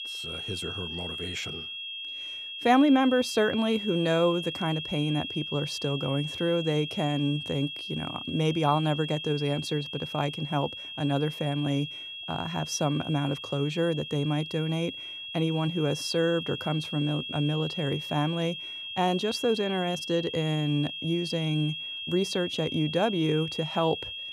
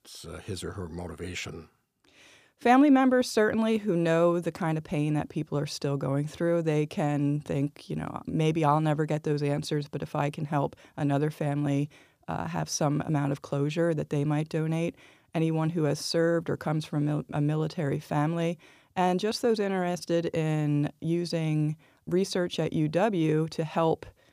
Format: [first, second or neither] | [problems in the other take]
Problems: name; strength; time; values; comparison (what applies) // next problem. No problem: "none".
second | high-pitched whine; loud; throughout; 3.5 kHz, 6 dB below the speech